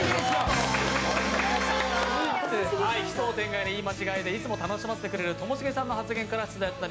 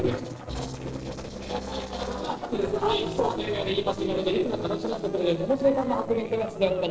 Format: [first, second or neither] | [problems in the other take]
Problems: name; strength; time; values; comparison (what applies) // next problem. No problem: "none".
first | noise reduction (neural separator model SepFormer DNS4)